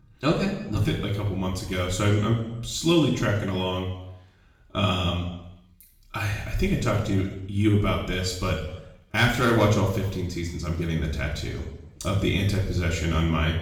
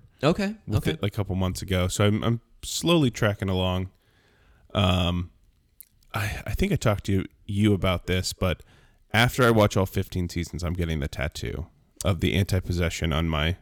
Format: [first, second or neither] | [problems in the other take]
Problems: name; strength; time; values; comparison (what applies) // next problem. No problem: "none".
second | room echo; noticeable; dies away in 0.8 s // off-mic speech; far